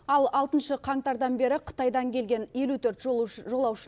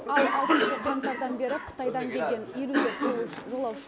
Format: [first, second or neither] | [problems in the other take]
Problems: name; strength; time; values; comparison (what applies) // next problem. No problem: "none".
first | background sound (Cough); 1 dB above the speech